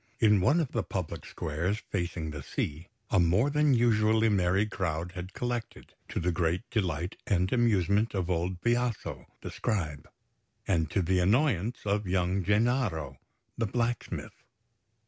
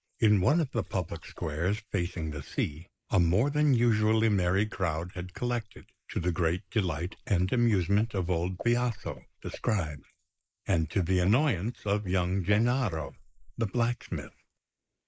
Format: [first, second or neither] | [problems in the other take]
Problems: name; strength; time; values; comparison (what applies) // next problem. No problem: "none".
first | noise reduction (neural mask model Resemble Enhance denoiser)